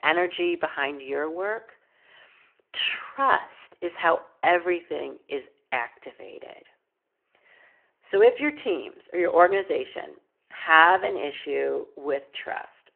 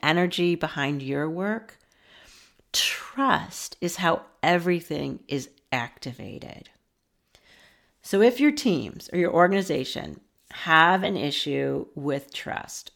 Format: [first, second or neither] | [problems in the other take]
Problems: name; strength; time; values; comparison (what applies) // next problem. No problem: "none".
second | phone-call audio